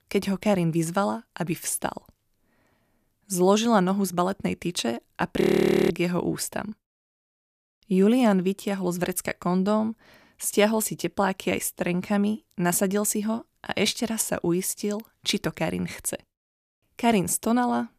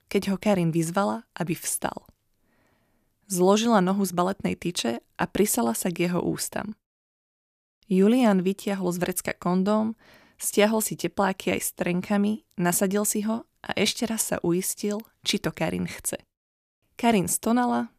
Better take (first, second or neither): second